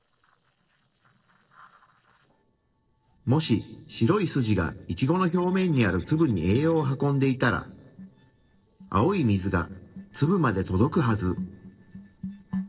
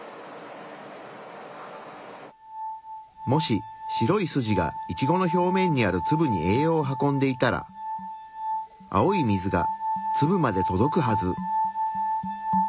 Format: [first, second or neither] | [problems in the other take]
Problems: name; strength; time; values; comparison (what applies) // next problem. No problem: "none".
second | noise reduction (neural separator model SepFormer DNS4)